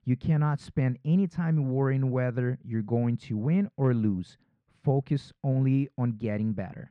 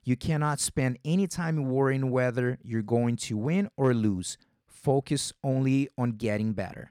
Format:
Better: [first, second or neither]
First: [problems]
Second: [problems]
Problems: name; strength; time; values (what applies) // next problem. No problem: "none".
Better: second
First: muffled; slightly; fading above 2.5 kHz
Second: none